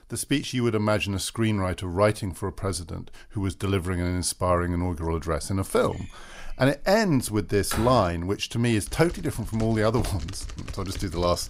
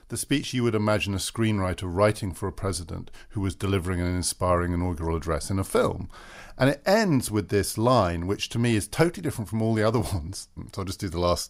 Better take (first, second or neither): second